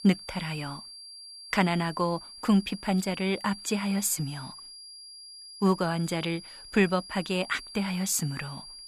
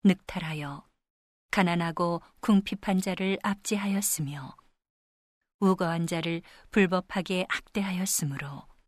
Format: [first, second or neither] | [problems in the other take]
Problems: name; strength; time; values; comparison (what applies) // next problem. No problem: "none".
second | high-pitched whine; noticeable; throughout; 5 kHz, 15 dB below the speech